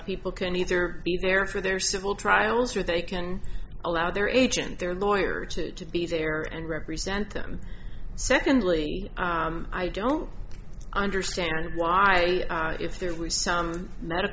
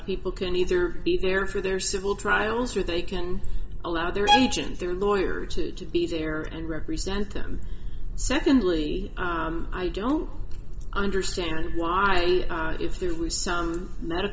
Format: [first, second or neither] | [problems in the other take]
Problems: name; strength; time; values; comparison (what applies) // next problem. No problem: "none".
first | background sound (Bowed string instrument); 4 dB below the speech // room echo; dies away in 2.5 s